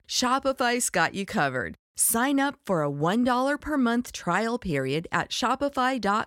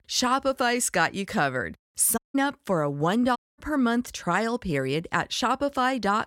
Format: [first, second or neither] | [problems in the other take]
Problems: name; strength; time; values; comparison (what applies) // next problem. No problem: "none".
first | audio cutting out; at 2 s and at 3.5 s